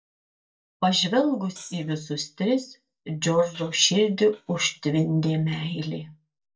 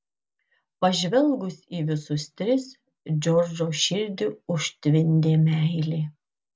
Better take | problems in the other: second | noise reduction (neural mask model DeepFilterNet 3)

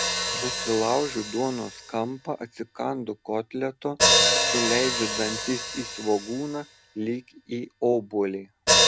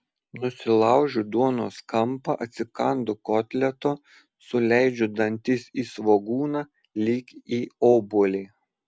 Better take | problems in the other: second | background sound (Hi-hat); 2 dB above the speech

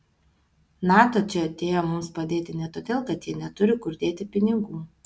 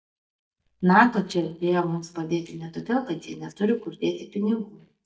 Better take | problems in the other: first | noise reduction (neural mask model DeepFilterNet 3)

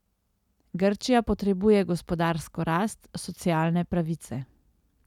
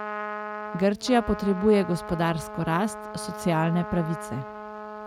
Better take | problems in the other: first | background sound (Trumpet); 10 dB below the speech

